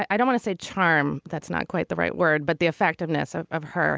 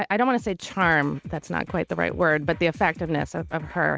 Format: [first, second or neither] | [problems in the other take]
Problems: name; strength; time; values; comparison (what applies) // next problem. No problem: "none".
first | noise reduction (neural mask model RNNoise)